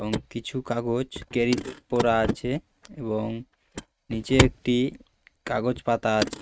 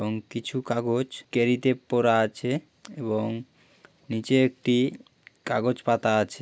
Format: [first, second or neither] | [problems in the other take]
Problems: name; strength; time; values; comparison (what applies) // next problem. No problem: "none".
second | noise reduction (neural mask model RNNoise)